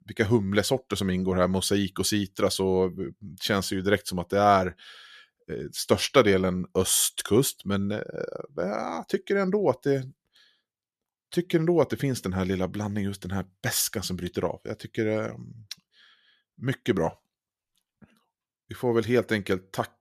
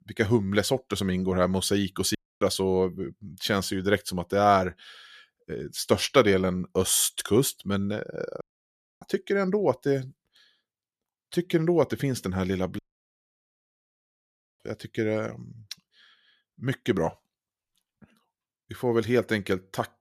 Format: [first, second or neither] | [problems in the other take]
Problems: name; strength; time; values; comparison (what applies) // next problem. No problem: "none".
first | audio cutting out; at 2 s, at 8.5 s for 0.5 s and at 13 s for 2 s